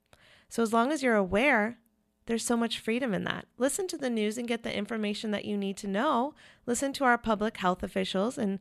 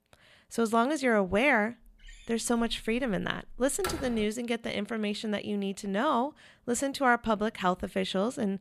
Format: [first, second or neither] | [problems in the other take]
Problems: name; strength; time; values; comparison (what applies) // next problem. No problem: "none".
first | door banging; noticeable; from 2 to 4.5 s; peak 7 dB below the speech